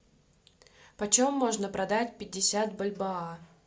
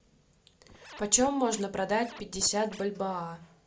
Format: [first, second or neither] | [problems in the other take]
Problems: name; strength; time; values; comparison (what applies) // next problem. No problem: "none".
first | background sound (Scratching (performance technique)); 18 dB below the speech